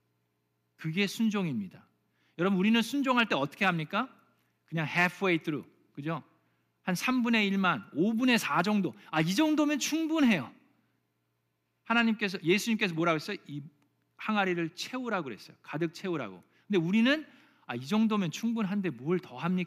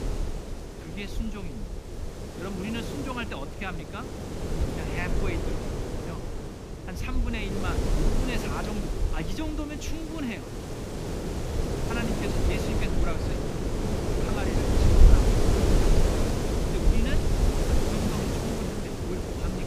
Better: first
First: none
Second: wind noise on the microphone; heavy; 3 dB above the speech

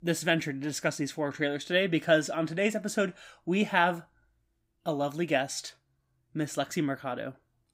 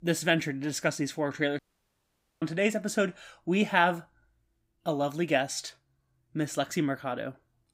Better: first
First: none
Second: audio cutting out; at 1.5 s for 1 s

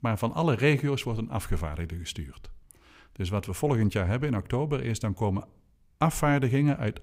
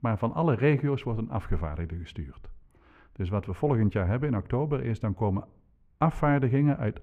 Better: first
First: none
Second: muffled; very; fading above 3.5 kHz

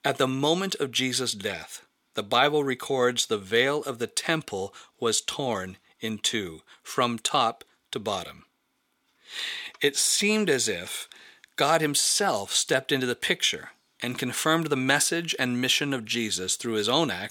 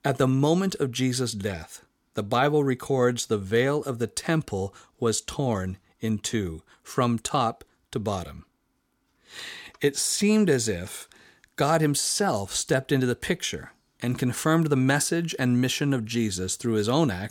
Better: second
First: thin; very slightly; fading below 1 kHz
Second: none

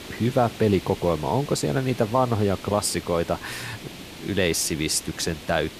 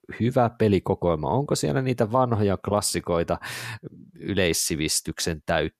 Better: second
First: hiss; noticeable; throughout; 15 dB below the speech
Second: none

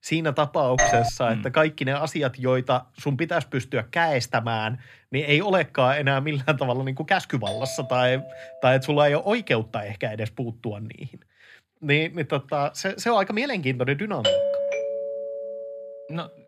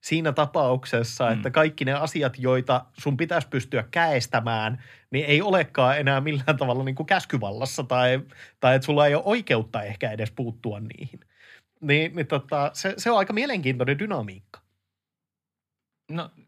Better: second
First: doorbell; loud; at 1 s and from 14 to 16 s; peak 3 dB above the speech // doorbell; noticeable; from 7.5 to 9 s; peak 8 dB below the speech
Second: none

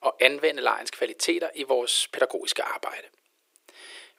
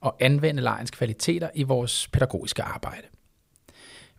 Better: second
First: thin; very; fading below 350 Hz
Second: none

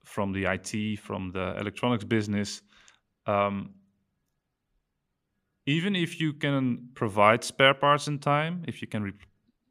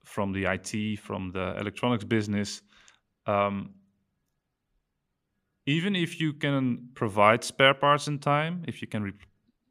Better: neither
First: none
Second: none

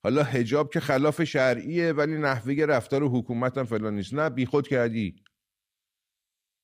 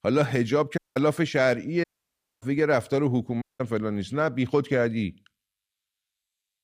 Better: first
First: none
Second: audio cutting out; at 1 s, at 2 s for 0.5 s and at 3.5 s

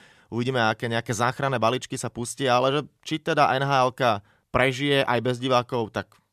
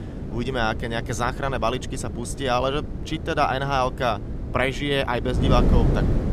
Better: first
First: none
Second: wind noise on the microphone; occasional gusts; 10 dB below the speech

